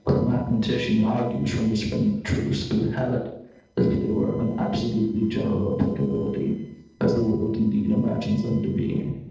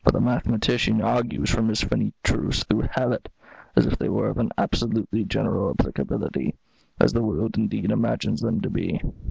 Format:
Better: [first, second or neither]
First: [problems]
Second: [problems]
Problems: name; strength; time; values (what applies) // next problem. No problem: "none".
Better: second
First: noise reduction (neural separator model SepFormer DNS4)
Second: none